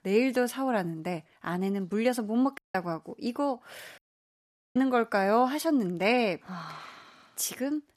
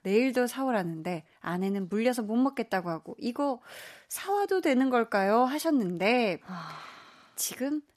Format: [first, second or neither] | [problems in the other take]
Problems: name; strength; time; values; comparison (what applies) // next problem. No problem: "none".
second | audio cutting out; at 2.5 s and at 4 s for 1 s